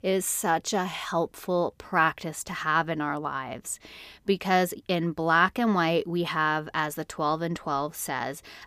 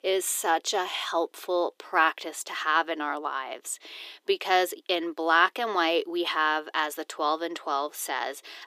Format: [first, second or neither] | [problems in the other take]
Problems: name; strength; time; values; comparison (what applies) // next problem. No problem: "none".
first | thin; very; fading below 350 Hz